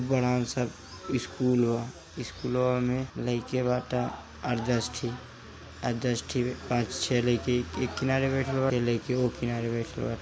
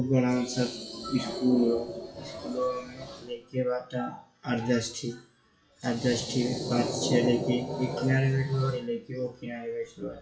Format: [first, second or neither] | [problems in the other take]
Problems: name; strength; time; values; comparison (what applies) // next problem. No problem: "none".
first | noise reduction (classical method WPE with log-MMSE)